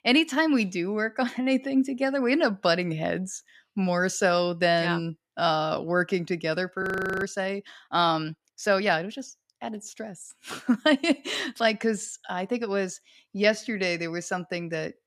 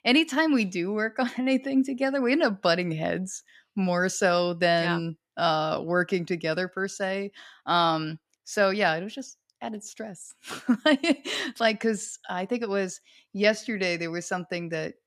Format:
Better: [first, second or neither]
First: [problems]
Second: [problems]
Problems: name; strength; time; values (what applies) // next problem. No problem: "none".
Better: second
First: audio freezing; at 7 s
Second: none